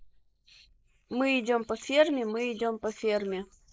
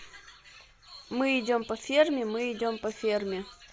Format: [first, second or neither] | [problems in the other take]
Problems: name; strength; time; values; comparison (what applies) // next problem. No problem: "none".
second | noise reduction (neural mask model Resemble Enhance denoiser)